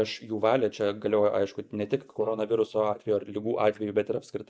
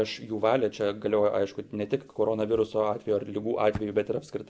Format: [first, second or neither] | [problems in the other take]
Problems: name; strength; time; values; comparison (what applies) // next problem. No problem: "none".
second | noise reduction (neural mask model DeepFilterNet 3)